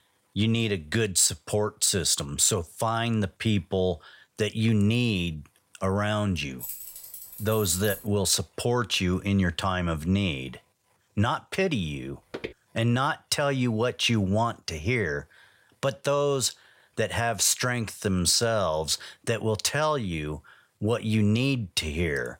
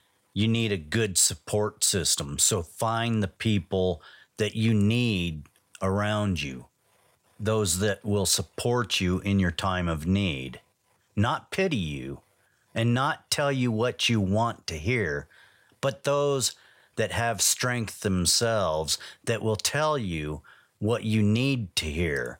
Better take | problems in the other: second | jangling keys; noticeable; from 6.5 to 8 s; peak 9 dB below the speech // footsteps; faint; at 12 s; peak 15 dB below the speech

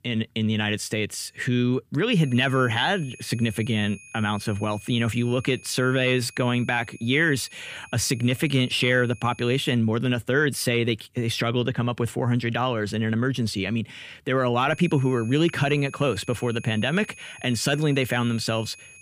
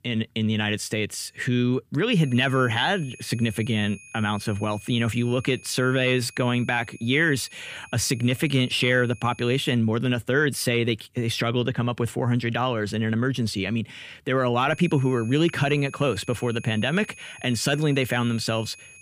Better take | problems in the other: neither | high-pitched whine; faint; from 2 to 10 s and from 15 s on; 2.5 kHz, 20 dB below the speech; the same in both

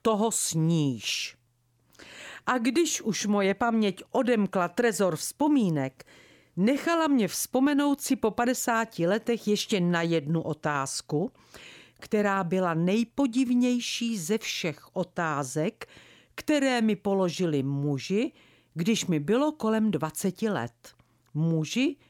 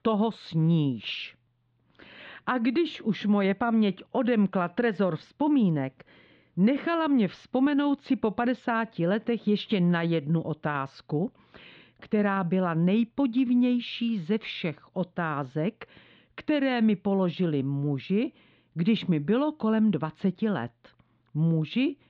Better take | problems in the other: first | muffled; very; fading above 3.5 kHz

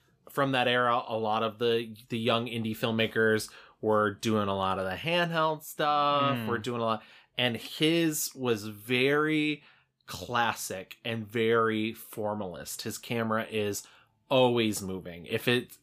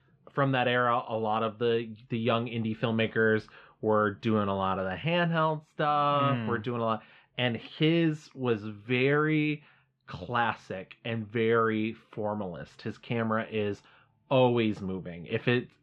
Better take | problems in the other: first | muffled; very; fading above 3 kHz

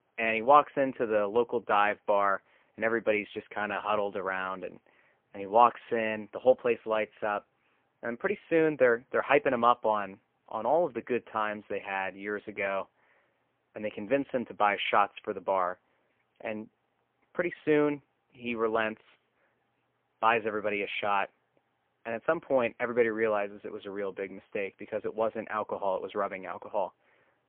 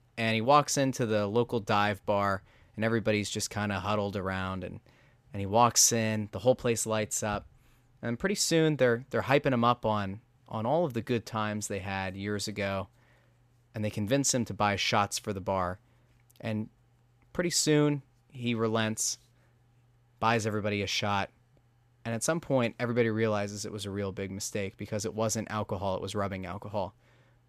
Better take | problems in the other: second | phone-call audio; poor line; nothing above 3 kHz

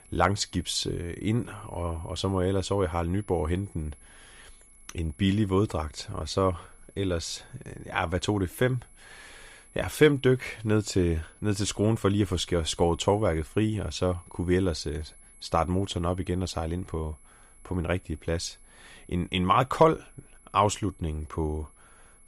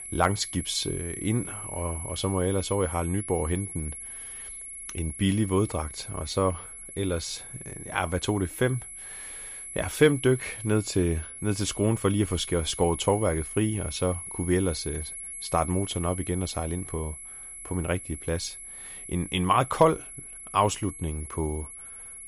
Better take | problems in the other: first | high-pitched whine; loud; throughout; 11 kHz, 9 dB below the speech; faint in the first

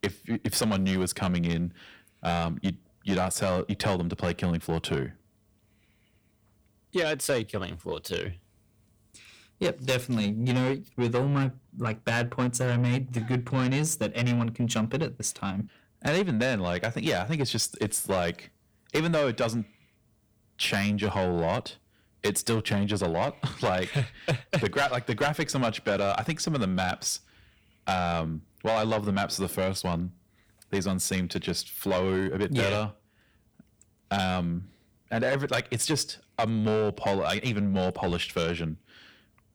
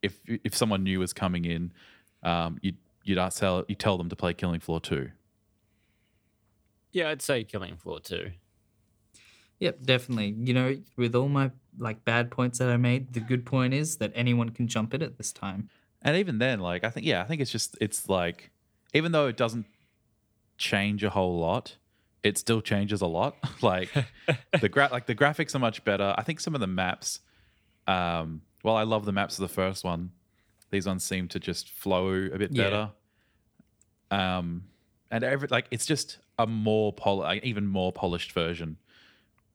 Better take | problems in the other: second | distortion; heavy; 7 dB below the speech

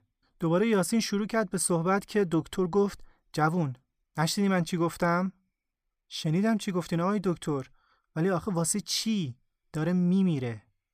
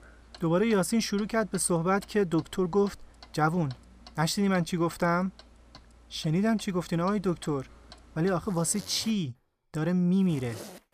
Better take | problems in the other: first | household noises; faint; throughout; 25 dB below the speech

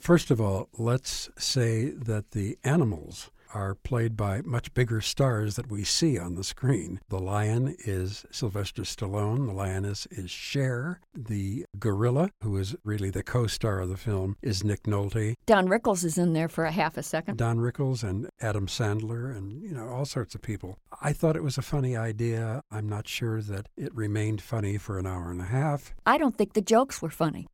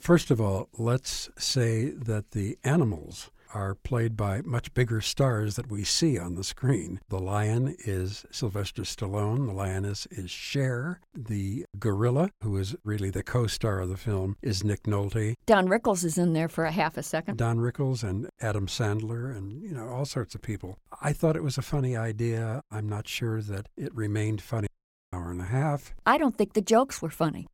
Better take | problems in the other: first | audio cutting out; at 25 s

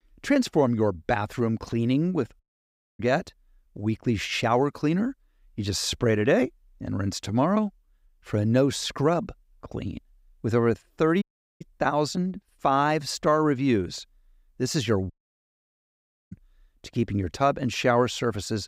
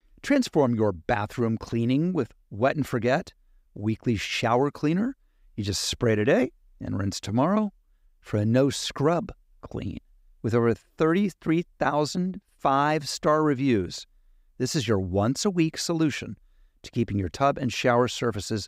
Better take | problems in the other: second | audio cutting out; at 2.5 s for 0.5 s, at 11 s and at 15 s for 1 s

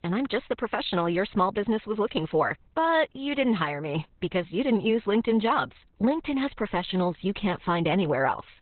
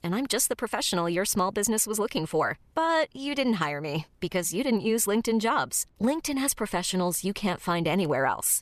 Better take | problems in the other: second | garbled, watery; badly; nothing above 4 kHz

